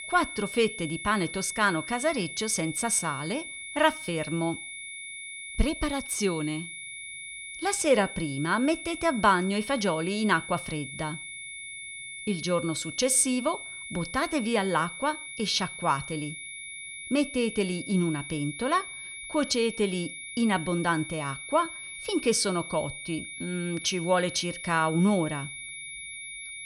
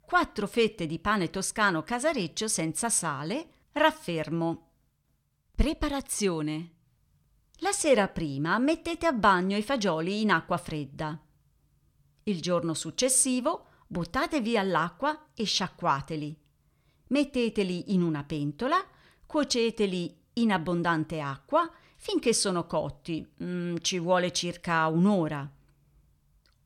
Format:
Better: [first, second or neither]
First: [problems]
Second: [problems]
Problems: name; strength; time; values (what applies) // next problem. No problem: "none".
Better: second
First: high-pitched whine; loud; throughout; 2.5 kHz, 9 dB below the speech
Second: none